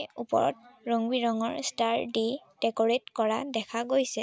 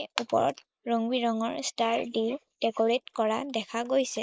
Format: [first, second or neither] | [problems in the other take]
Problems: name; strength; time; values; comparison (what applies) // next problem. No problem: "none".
first | noise reduction (neural mask model Resemble Enhance denoiser)